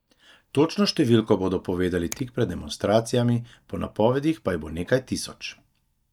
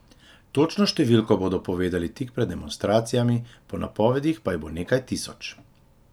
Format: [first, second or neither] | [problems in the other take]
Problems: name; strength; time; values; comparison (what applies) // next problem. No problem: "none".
second | noise reduction (neural mask model DeepFilterNet 3)